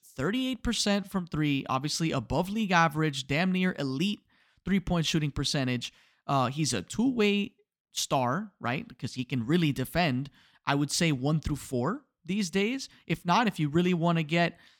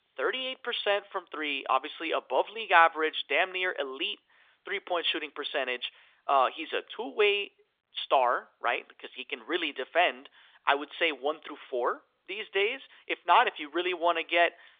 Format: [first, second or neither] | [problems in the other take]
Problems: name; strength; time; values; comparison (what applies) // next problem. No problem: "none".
first | phone-call audio